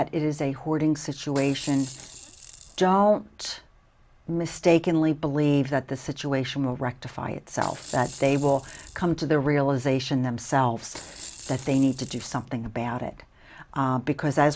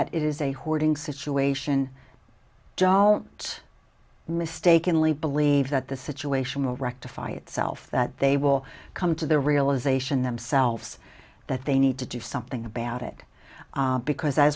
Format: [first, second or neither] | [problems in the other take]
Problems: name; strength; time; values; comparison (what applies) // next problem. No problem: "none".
second | background sound (Rattle / Rattle (instrument)); 17 dB below the speech